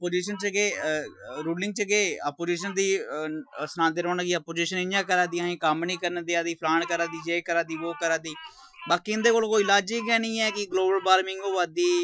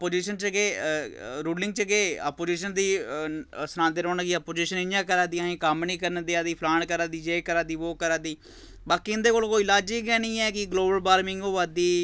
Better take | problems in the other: second | noise reduction (classical method Wiener filter)

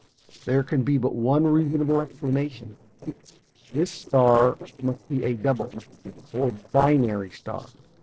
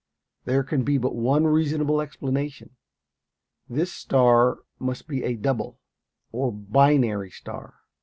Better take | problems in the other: second | noise reduction (neural separator model SepFormer DNS4)

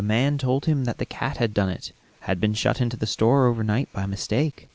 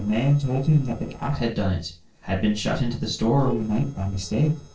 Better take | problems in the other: first | noise reduction (neural separator model SepFormer DNS4)

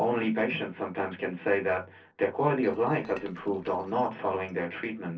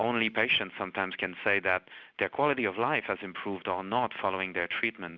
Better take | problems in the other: second | noise reduction (neural separator model SepFormer DNS4)

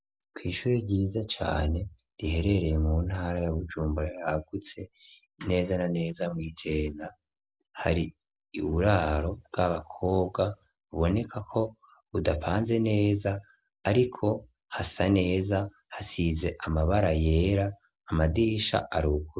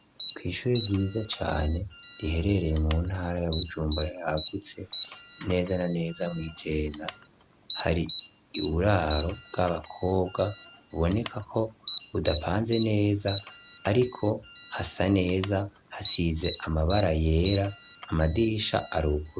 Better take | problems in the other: first | background sound (Alarm); 14 dB below the speech

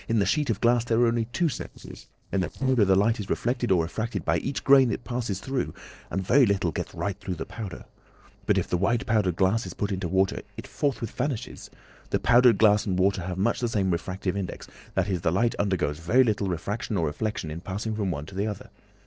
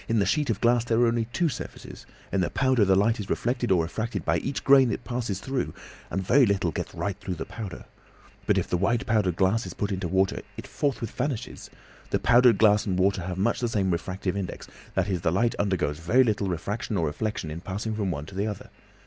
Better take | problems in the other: second | noise reduction (neural separator model SepFormer DNS4)

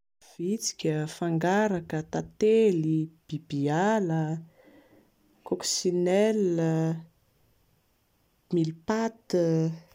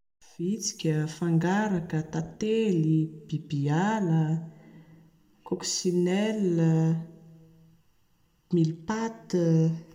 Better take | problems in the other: first | room echo; dies away in 1.7 s

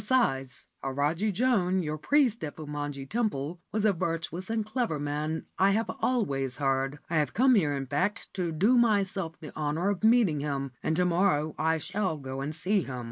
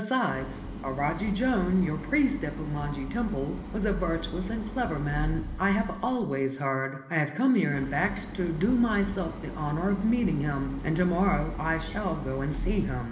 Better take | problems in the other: first | background sound (Idling); 8 dB below the speech // room echo; dies away in 1.1 s

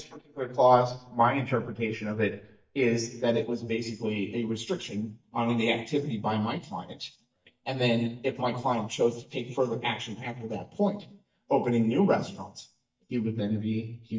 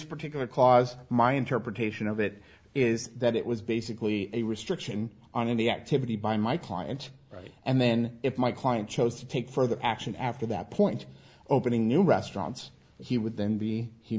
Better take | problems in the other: second | noise reduction (neural mask model DeepFilterNet 3)

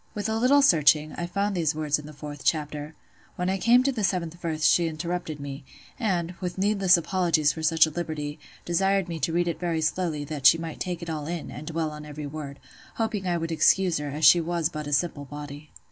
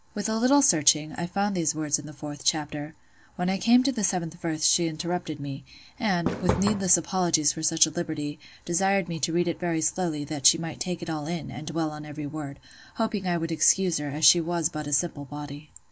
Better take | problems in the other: first | background sound (Fireworks); 4 dB below the speech

